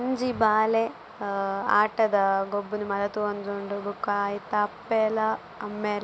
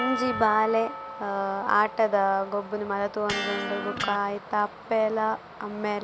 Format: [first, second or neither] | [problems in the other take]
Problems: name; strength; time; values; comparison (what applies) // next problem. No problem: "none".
first | background sound (Percussion + Electric guitar); 10 dB below the speech